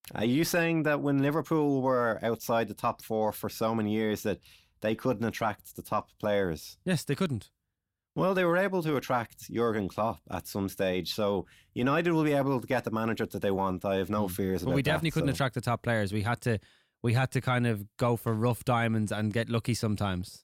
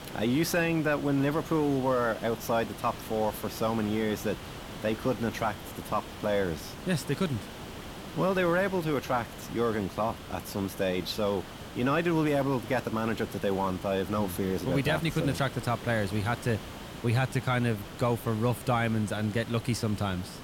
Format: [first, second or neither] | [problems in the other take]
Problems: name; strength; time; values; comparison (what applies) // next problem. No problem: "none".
first | hiss; noticeable; throughout; 10 dB below the speech